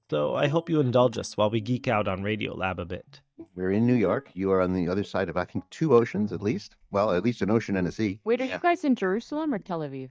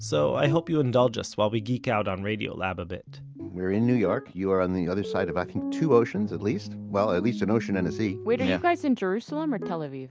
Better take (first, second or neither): second